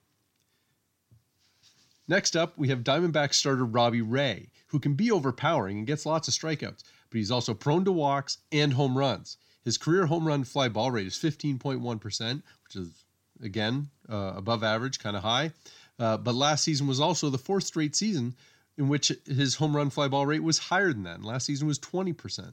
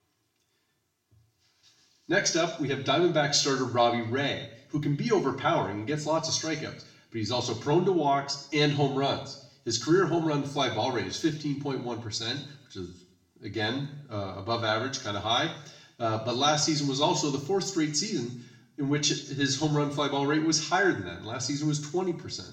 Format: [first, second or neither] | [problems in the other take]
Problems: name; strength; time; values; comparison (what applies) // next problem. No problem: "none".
first | room echo; slight; dies away in 0.6 s // off-mic speech; far